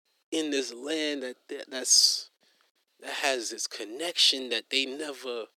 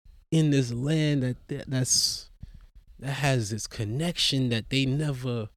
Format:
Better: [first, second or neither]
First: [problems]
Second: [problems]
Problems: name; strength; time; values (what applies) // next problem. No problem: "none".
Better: second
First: thin; very; fading below 300 Hz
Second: none